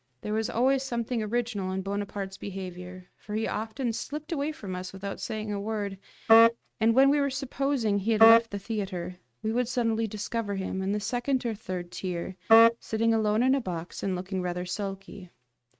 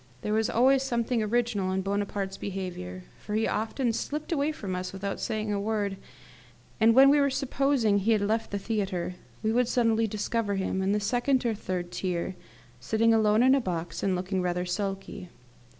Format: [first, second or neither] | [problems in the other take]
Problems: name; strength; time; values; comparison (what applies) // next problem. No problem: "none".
second | noise reduction (neural mask model RNNoise)